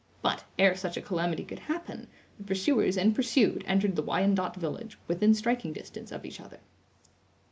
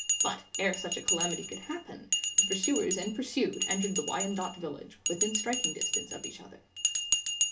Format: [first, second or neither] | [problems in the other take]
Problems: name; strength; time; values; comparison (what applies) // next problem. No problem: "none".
first | background sound (Bell); 2 dB above the speech // room echo; dies away in 0.2 s